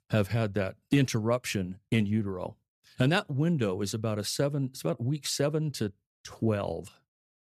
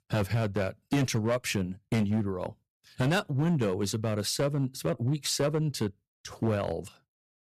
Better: first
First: none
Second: distortion; slight; 6% of the sound clipped

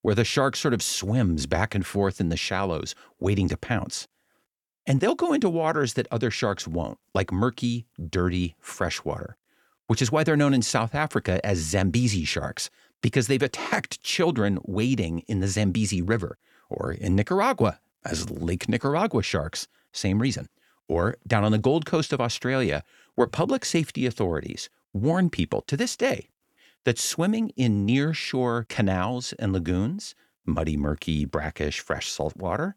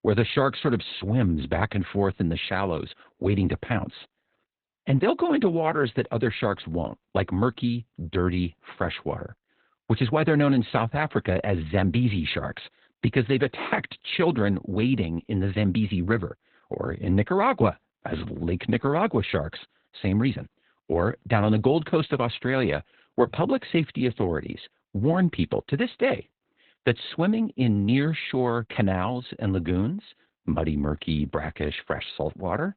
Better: first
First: none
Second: garbled, watery; badly; nothing above 4 kHz

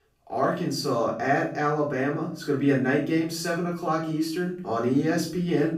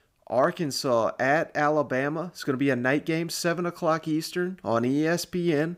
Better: second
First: off-mic speech; far // room echo; noticeable; dies away in 0.5 s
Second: none

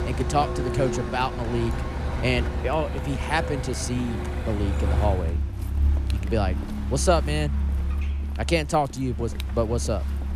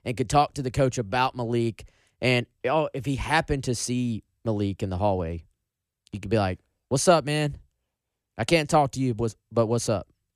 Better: second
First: traffic noise; loud; throughout; 1 dB below the speech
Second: none

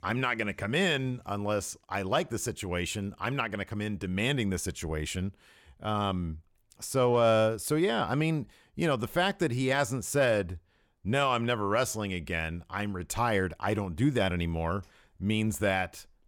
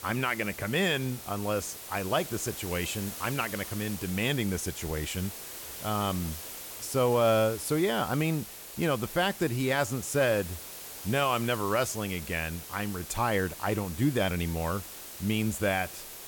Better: first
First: none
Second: hiss; noticeable; throughout; 10 dB below the speech

